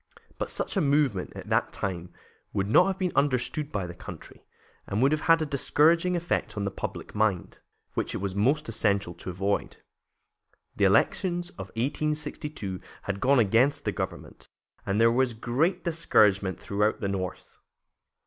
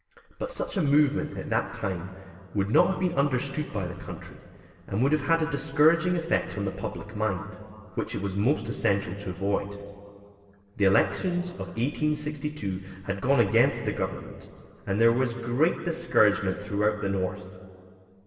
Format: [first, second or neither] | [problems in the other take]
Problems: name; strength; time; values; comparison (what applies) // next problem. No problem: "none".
first | room echo; dies away in 2.3 s